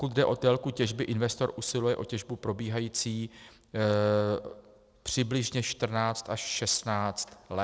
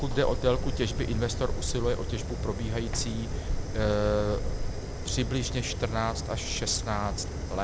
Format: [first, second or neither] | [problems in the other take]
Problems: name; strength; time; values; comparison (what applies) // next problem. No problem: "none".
first | background sound (Fire); 1 dB below the speech